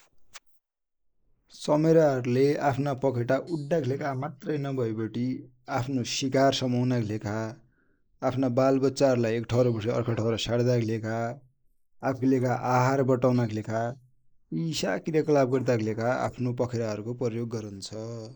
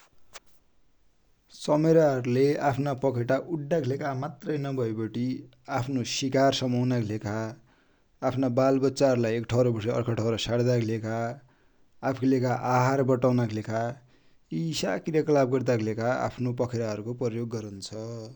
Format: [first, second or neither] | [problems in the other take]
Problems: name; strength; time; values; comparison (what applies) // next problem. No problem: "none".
second | noise reduction (neural mask model Resemble Enhance denoiser)